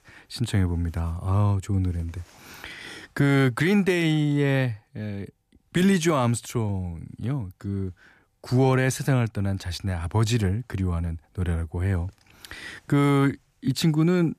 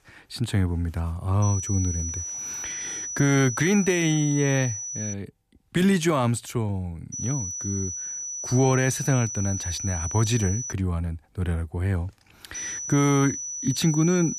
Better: first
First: none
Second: high-pitched whine; loud; from 1.5 to 5 s, from 7 to 11 s and from 13 s on; 6 kHz, 5 dB below the speech

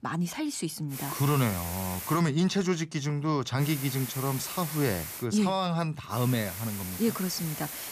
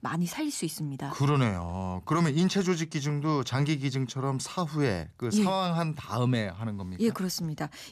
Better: second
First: hiss; loud; from 1 to 2 s, from 3.5 to 5 s and from 6 s on; 7 dB below the speech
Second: none

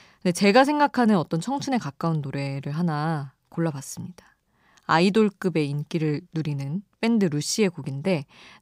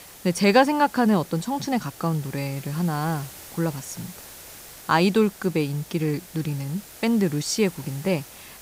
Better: first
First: none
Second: hiss; noticeable; throughout; 15 dB below the speech

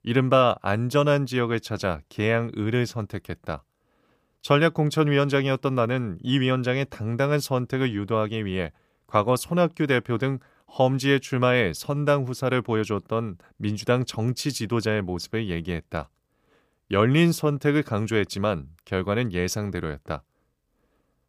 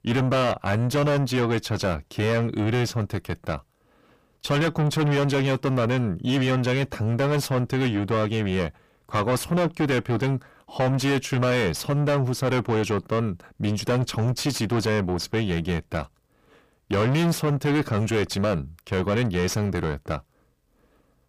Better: first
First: none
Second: distortion; heavy; 5 dB below the speech

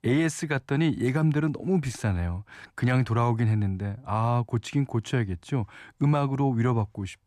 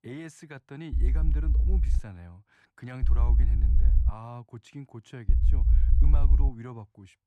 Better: first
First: none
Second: low rumble; loud; from 1 to 2 s, from 3 to 4 s and from 5.5 to 6.5 s; 2 dB below the speech

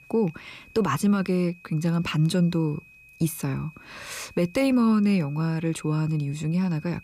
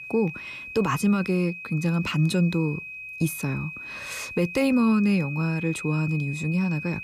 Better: first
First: high-pitched whine; faint; throughout; 2.5 kHz, 25 dB below the speech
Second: high-pitched whine; loud; throughout; 2.5 kHz, 10 dB below the speech

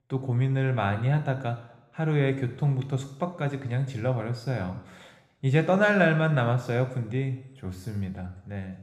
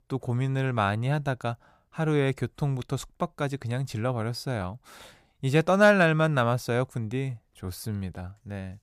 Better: second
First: room echo; slight; dies away in 0.9 s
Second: none

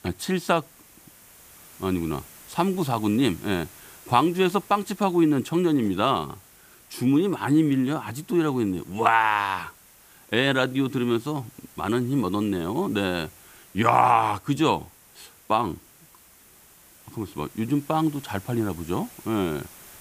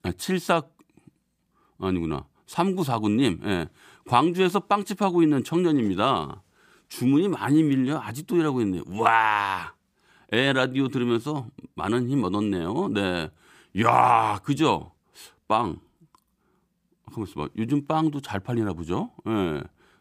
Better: second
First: hiss; faint; throughout; 25 dB below the speech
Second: none

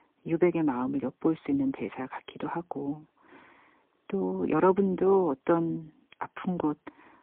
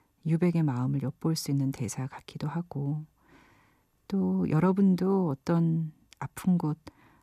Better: second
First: phone-call audio; poor line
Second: none

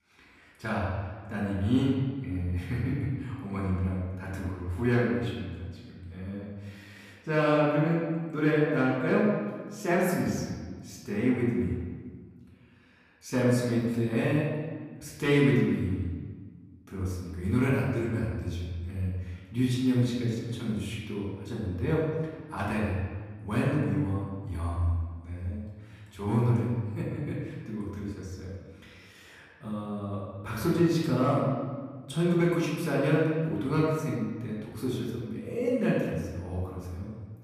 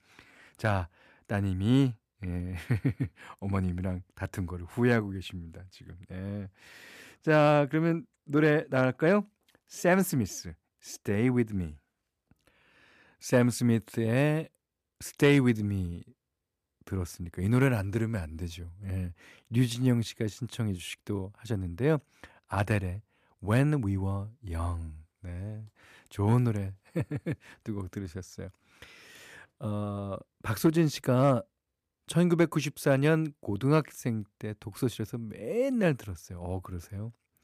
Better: second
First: off-mic speech; far // room echo; noticeable; dies away in 1.4 s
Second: none

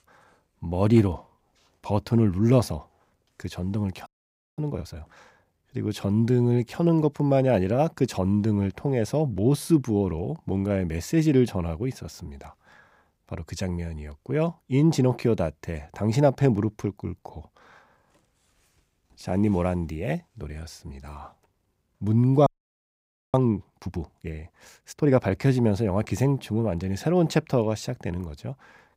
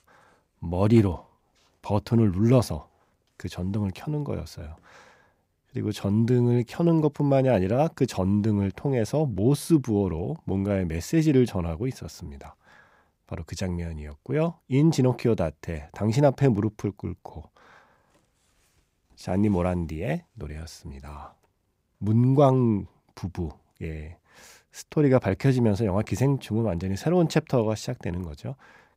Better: second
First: audio freezing; at 4 s for 0.5 s and at 22 s for 1 s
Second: none

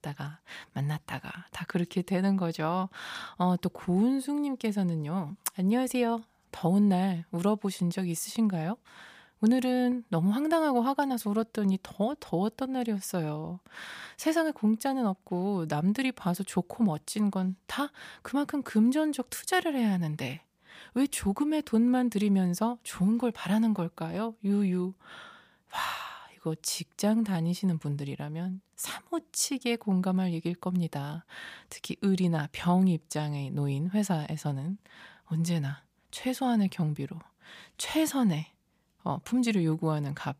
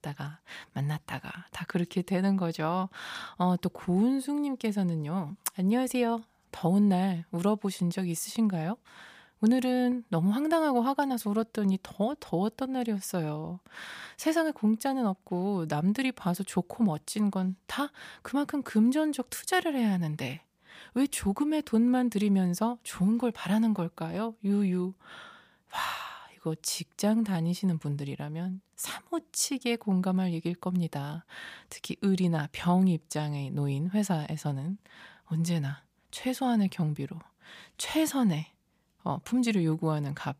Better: neither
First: none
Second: none

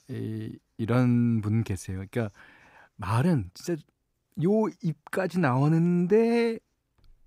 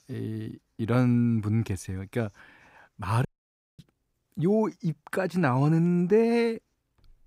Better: first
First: none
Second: audio cutting out; at 3.5 s for 0.5 s

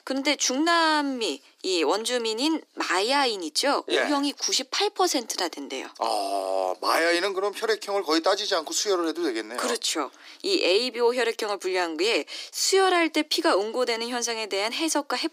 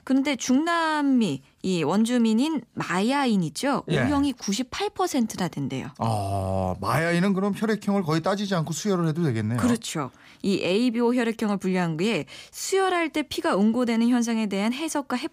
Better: second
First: thin; somewhat; fading below 300 Hz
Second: none

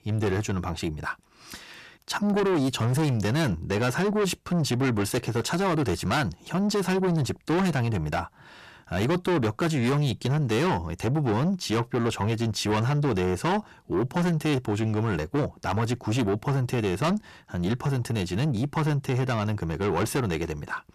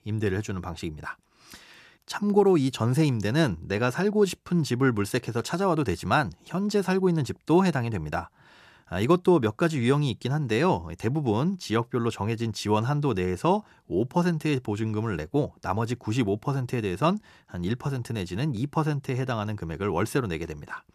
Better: second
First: distortion; heavy; 7 dB below the speech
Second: none

